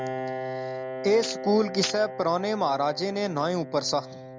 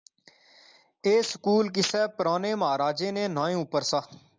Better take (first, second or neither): second